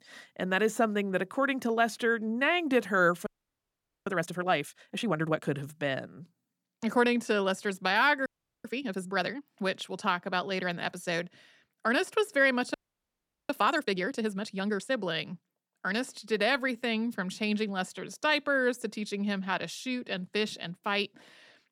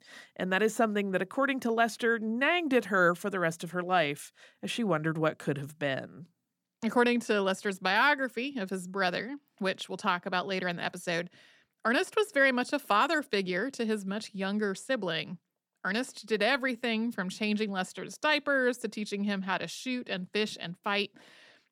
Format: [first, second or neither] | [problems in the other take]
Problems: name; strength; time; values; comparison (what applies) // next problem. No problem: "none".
second | audio freezing; at 3.5 s for 1 s, at 8.5 s and at 13 s for 1 s